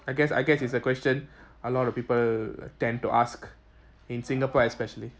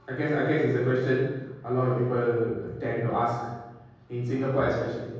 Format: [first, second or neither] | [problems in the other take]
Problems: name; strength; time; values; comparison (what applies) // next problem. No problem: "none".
first | room echo; dies away in 1.3 s